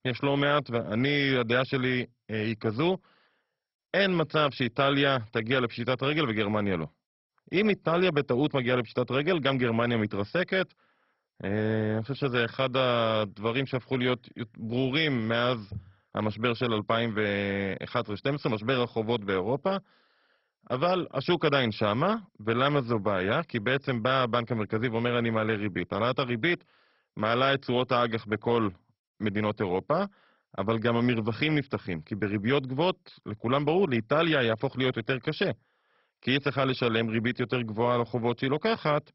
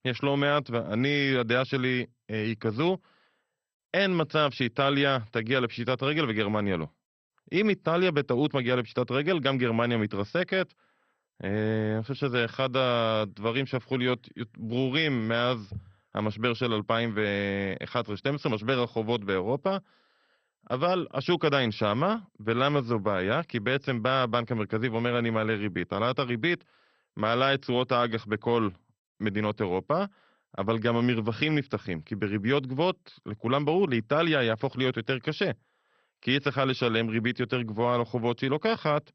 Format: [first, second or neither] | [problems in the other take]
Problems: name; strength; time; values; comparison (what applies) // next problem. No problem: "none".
second | garbled, watery; badly; nothing above 5.5 kHz; slightly in the second